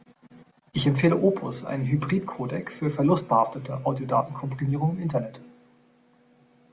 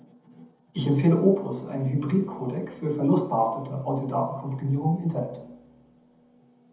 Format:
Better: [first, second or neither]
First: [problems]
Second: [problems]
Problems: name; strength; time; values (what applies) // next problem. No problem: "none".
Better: first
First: none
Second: room echo; dies away in 0.7 s